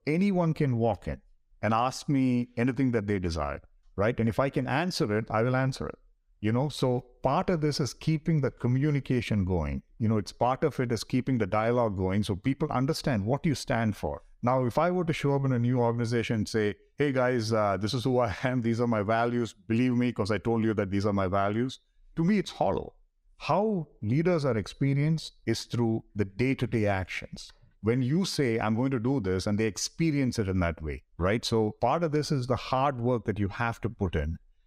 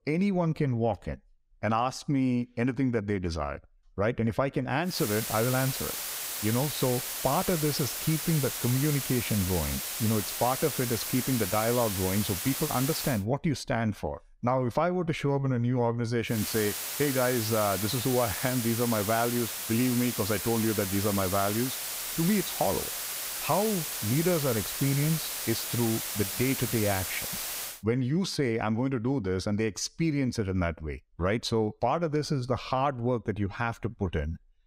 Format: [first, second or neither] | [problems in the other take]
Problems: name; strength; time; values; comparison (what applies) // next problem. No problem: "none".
first | hiss; loud; from 5 to 13 s and from 16 to 28 s; 3 dB below the speech